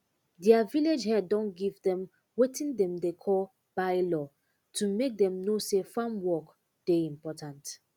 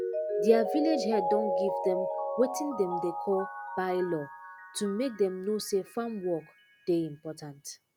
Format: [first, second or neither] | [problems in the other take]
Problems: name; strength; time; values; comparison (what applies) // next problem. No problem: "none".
first | background sound (Mallet percussion); 4 dB below the speech